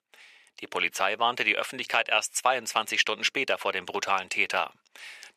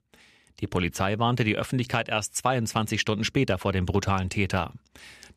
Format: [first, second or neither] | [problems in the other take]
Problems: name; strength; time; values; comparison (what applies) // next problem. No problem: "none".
second | thin; very; fading below 650 Hz